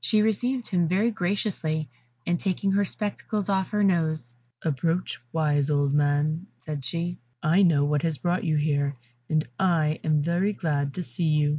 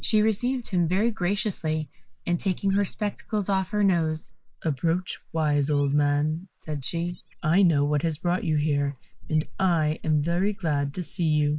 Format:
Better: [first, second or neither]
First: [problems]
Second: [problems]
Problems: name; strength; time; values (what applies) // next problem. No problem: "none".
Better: first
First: none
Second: noise reduction (neural mask model Resemble Enhance denoiser)